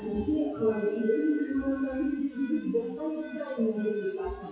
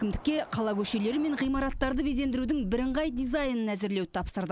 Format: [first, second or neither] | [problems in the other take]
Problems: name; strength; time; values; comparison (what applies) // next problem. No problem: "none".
second | noise reduction (classical method WPE with log-MMSE)